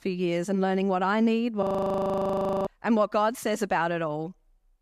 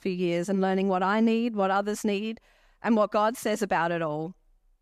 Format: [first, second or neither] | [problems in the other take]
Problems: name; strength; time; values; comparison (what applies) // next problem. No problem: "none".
second | audio freezing; at 1.5 s for 1 s